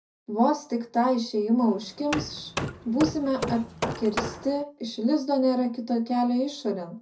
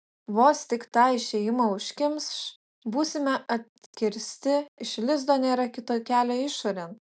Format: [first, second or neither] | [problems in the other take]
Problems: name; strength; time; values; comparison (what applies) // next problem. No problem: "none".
second | background sound (Hammer); 7 dB below the speech // room echo; dies away in 0.4 s